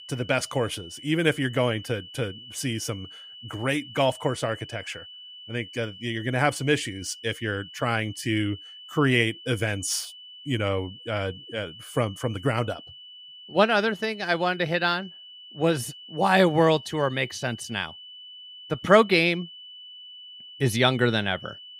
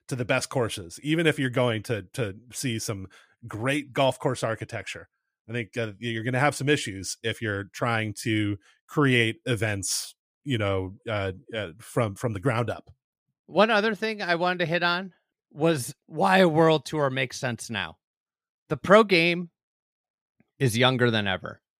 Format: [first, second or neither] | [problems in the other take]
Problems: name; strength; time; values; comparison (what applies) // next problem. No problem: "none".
second | high-pitched whine; noticeable; throughout; 3 kHz, 15 dB below the speech